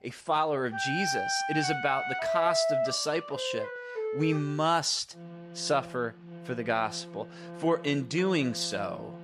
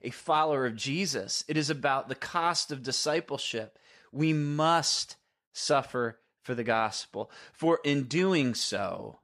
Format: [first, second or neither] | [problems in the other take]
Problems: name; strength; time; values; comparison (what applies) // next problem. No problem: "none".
second | background music; loud; throughout; 4 dB below the speech